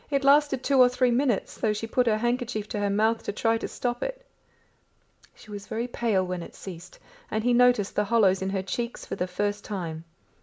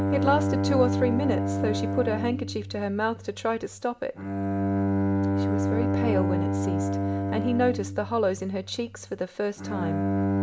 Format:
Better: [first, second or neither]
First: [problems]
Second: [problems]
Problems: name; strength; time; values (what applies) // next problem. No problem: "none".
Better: first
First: none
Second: background sound (Bowed string instrument); 2 dB above the speech